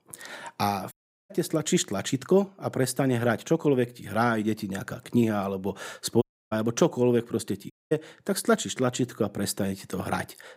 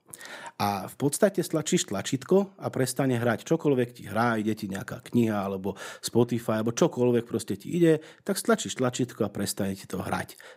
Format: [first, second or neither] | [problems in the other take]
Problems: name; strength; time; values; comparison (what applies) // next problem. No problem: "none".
second | audio cutting out; at 1 s, at 6 s and at 7.5 s